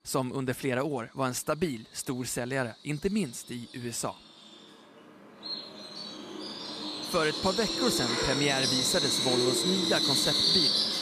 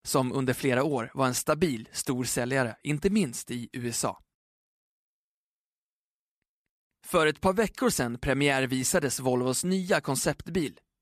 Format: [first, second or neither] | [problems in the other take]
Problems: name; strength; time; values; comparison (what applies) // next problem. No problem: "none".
second | animal sounds; very loud; throughout; 4 dB above the speech